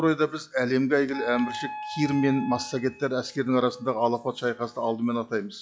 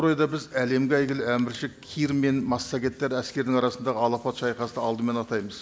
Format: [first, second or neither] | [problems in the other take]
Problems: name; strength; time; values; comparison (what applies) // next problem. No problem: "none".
second | noise reduction (classical method log-MMSE)